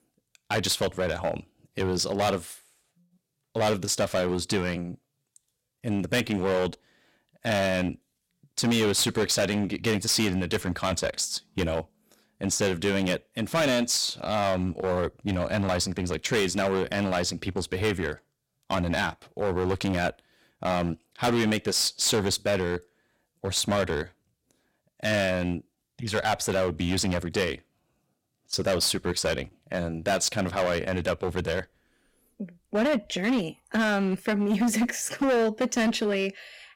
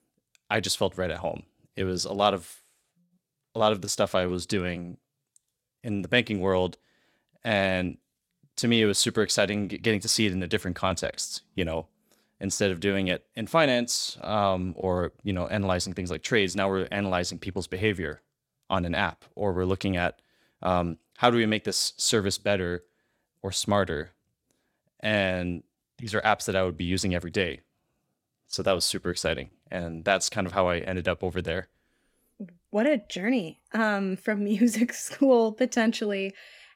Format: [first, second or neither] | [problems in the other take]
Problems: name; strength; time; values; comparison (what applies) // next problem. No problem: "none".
second | distortion; heavy; 10% of the sound clipped